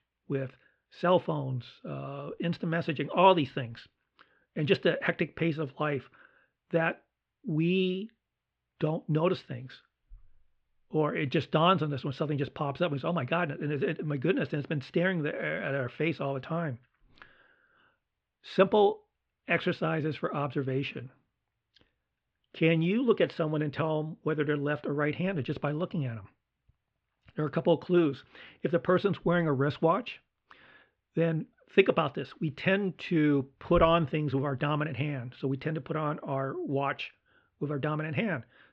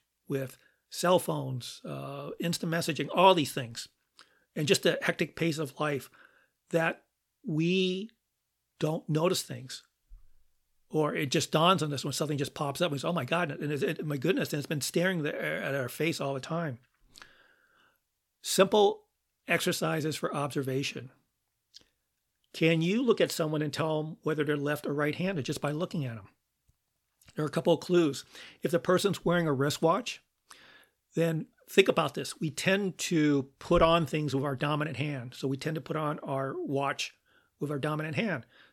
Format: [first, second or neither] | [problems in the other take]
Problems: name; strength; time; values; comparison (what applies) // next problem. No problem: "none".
second | muffled; very; fading above 3 kHz